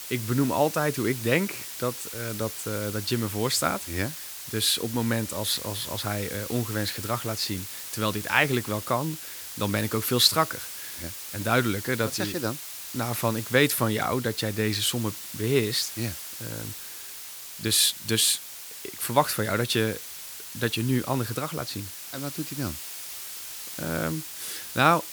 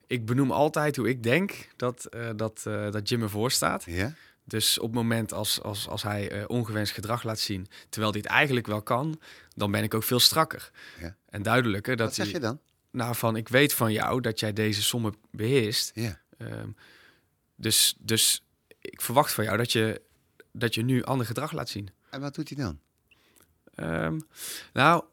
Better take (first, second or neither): second